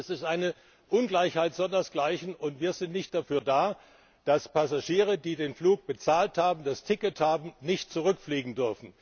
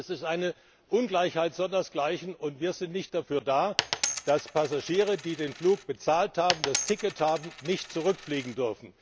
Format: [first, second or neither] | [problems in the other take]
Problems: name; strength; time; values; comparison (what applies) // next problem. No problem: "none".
first | background sound (Coin (dropping)); 7 dB below the speech